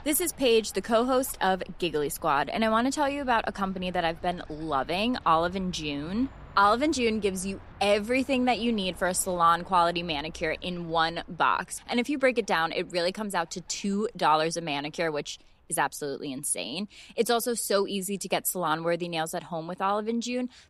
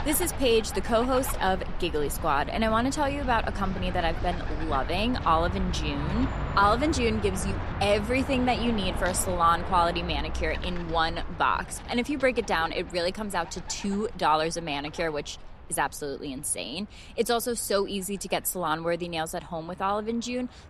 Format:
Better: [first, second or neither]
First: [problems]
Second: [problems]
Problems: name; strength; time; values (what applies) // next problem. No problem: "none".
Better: first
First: animal sounds; faint; throughout; 25 dB below the speech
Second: animal sounds; loud; throughout; 8 dB below the speech